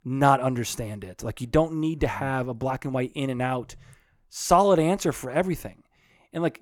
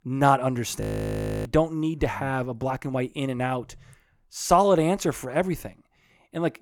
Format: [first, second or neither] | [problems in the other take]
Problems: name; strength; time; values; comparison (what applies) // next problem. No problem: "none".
first | audio freezing; at 1 s for 0.5 s